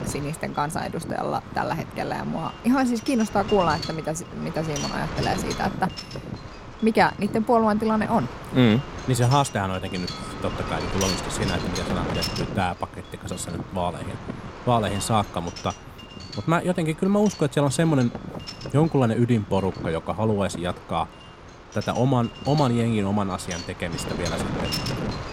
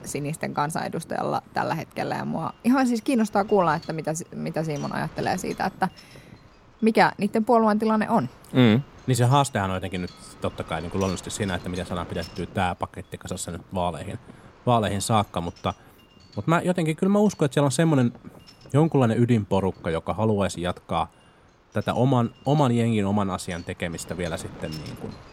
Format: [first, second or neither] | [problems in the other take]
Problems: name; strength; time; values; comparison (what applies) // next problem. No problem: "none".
second | wind noise on the microphone; heavy; 9 dB below the speech; occasional gusts in the second